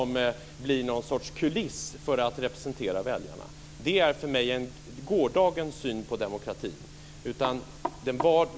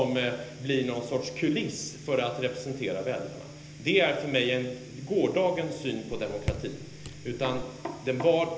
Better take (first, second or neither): first